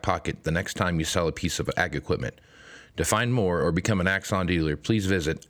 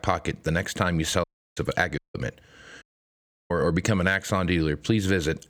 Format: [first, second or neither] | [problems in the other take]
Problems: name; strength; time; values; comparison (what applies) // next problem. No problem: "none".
first | audio cutting out; at 1 s, at 2 s and at 3 s for 0.5 s